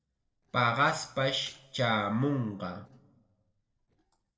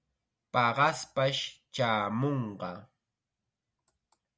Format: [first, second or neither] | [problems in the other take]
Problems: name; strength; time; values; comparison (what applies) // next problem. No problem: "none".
second | noise reduction (neural separator model SepFormer DNS4)